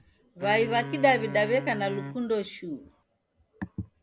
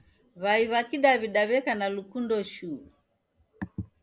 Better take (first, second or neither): second